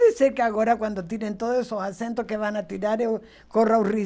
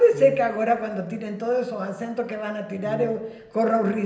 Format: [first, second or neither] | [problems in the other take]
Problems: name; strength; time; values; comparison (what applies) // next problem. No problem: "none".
first | background sound (Brass instrument); 17 dB below the speech // room echo; dies away in 0.9 s